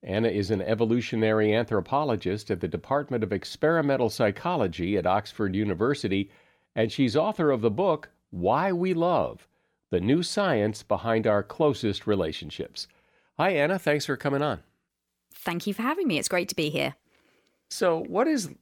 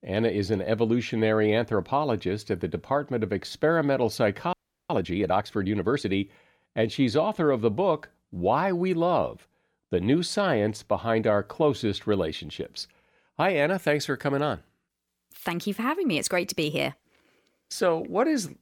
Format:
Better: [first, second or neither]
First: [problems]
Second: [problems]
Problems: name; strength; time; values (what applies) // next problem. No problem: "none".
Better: first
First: none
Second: audio freezing; at 4.5 s